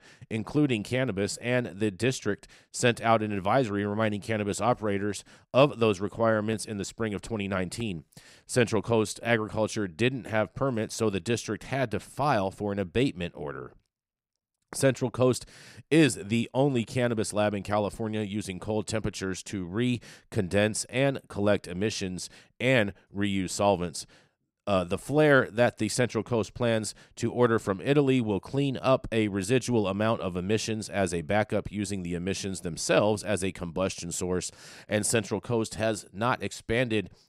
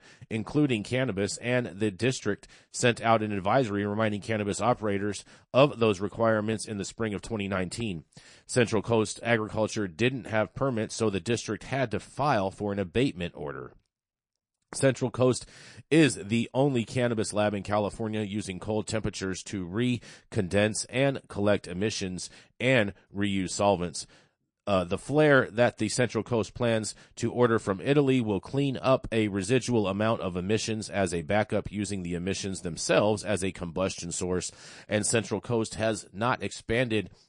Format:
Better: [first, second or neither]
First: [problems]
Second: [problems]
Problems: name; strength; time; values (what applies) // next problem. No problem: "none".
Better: first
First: none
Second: garbled, watery; slightly; nothing above 8 kHz